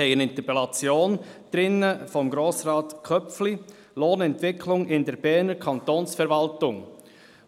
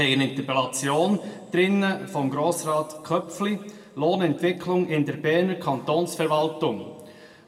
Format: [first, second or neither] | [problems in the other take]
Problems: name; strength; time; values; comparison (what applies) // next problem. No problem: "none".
first | room echo; dies away in 1.3 s